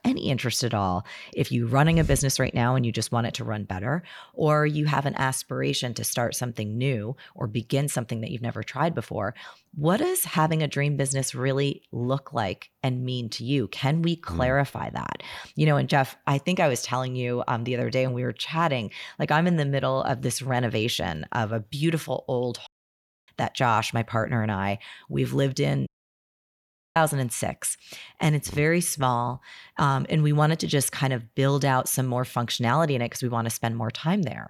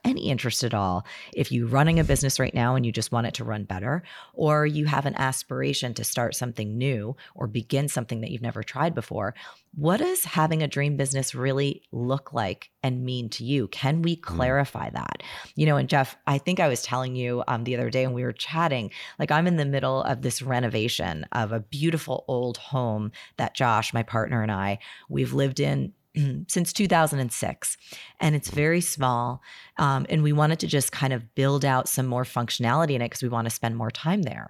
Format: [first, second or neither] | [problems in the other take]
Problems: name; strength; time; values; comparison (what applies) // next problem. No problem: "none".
second | audio cutting out; at 23 s for 0.5 s and at 26 s for 1 s